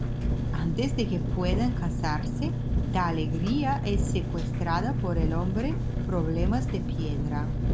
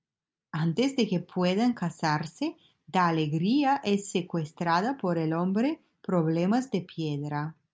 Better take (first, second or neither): second